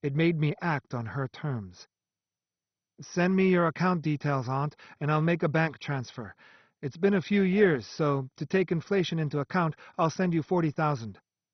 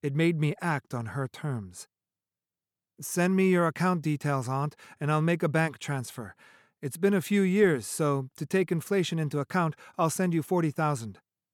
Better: second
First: garbled, watery; badly; nothing above 6 kHz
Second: none

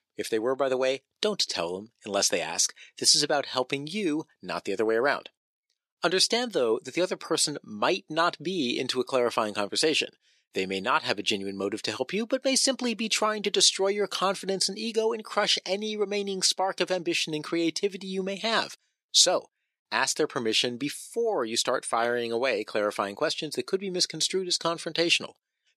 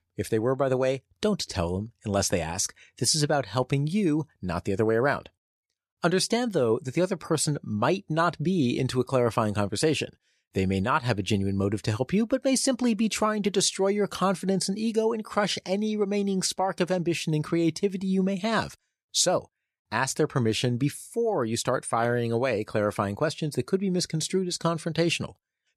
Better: second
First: thin; somewhat; fading below 350 Hz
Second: none

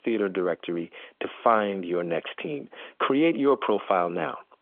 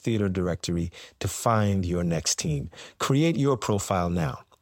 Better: second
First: phone-call audio; nothing above 3.5 kHz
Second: none

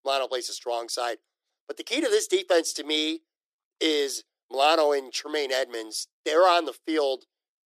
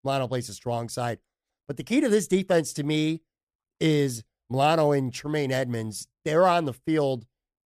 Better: second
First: thin; very; fading below 350 Hz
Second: none

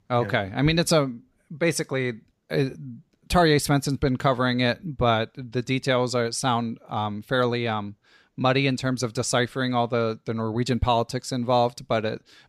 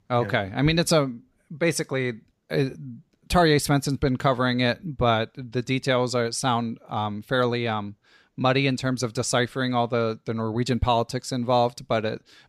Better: neither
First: none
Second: none

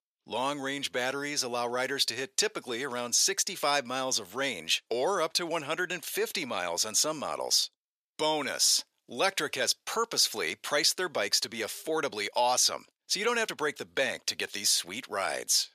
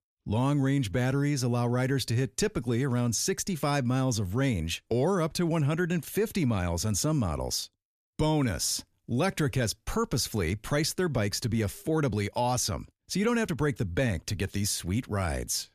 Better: second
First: thin; very; fading below 600 Hz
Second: none

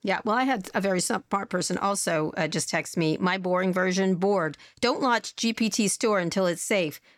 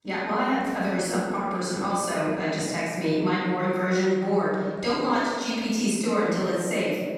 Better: first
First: none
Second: off-mic speech; far // room echo; strong; dies away in 1.7 s

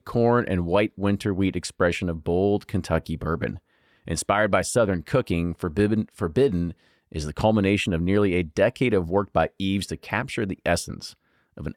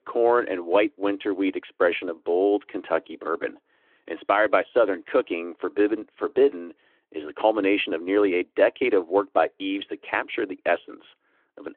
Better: first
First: none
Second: phone-call audio

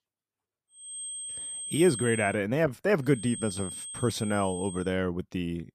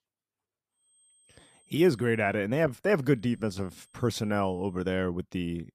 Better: second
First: high-pitched whine; loud; from 1 to 2.5 s and from 3 to 5 s; 8.5 kHz, 8 dB below the speech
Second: high-pitched whine; faint; from 1 to 2.5 s and from 3 to 5 s; 8.5 kHz, 35 dB below the speech

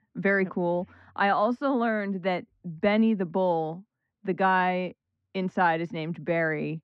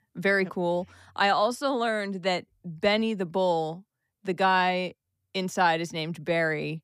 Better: second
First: muffled; slightly; fading above 2 kHz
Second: none

